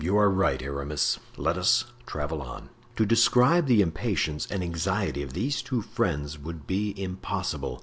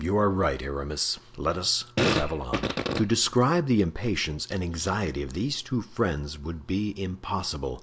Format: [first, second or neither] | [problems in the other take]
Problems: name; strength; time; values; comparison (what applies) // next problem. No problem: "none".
first | background sound (Fart); 1 dB below the speech